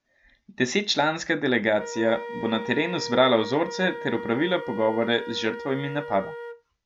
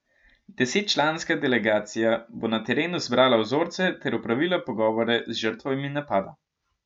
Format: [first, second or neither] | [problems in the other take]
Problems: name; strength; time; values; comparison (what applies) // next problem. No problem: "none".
second | background sound (Wind instrument, woodwind instrument); 12 dB below the speech